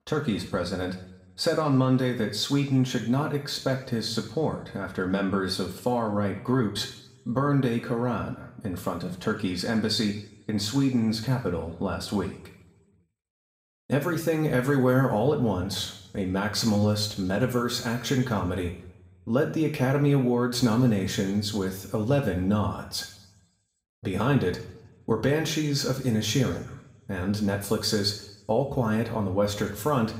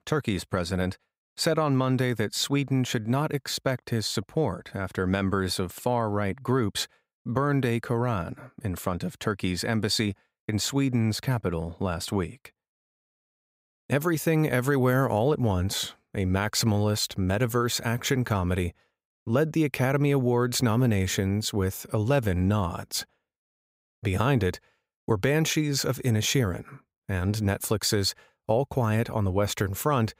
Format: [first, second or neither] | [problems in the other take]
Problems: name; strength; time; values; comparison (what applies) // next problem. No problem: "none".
second | room echo; slight; dies away in 0.7 s // off-mic speech; somewhat distant